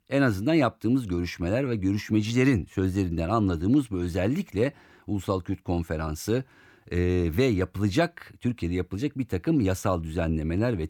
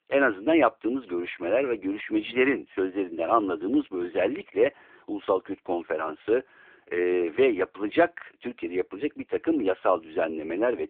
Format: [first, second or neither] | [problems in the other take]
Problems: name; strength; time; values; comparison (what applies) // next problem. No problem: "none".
first | phone-call audio; poor line